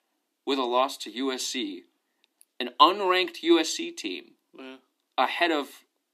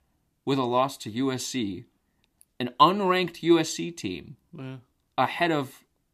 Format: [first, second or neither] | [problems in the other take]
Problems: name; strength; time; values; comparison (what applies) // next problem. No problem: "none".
second | thin; very slightly; fading below 250 Hz